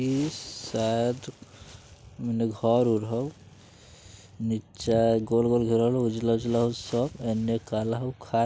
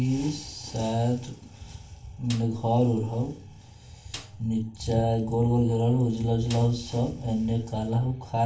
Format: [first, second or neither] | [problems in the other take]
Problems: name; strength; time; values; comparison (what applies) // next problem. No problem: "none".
first | background sound (Snare drum); 19 dB below the speech // room echo; dies away in 0.3 s